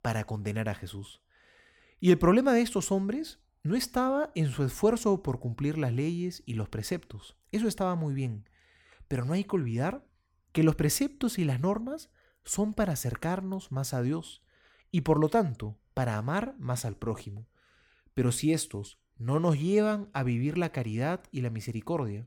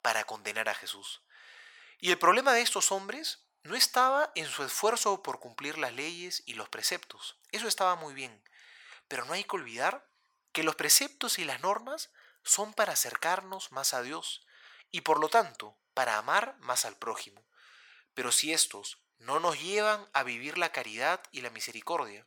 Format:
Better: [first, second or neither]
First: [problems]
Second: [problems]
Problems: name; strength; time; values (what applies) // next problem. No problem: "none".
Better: first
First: none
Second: thin; very; fading below 950 Hz